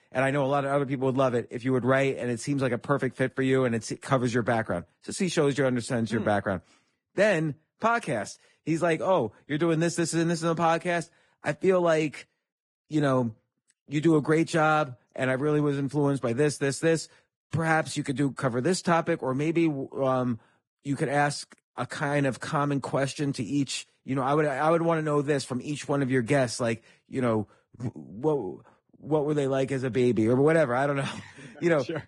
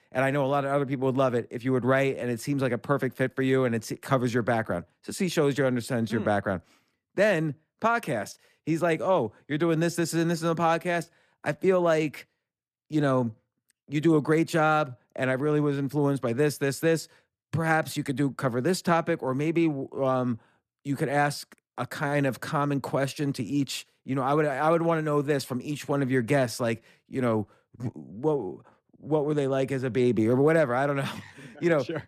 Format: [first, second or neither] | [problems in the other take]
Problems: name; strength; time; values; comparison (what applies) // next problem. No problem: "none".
second | garbled, watery; badly; nothing above 10 kHz